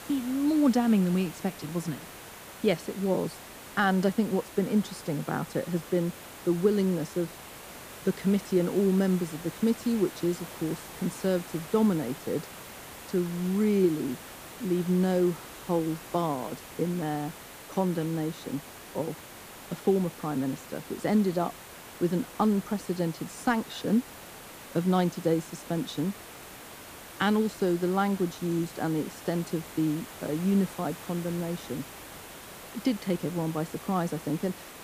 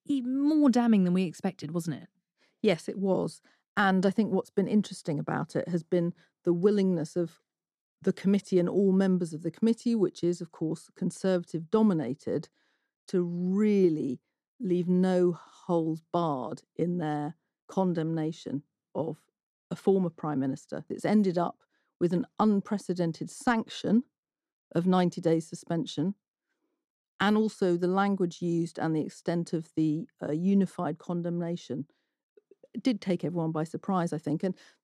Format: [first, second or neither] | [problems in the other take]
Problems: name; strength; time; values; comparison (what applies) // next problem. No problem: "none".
second | hiss; noticeable; throughout; 15 dB below the speech